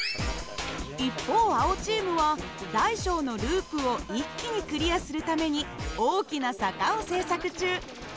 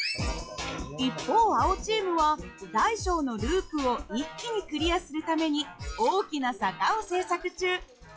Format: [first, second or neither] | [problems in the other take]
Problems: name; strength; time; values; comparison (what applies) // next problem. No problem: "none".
first | noise reduction (classical method log-MMSE)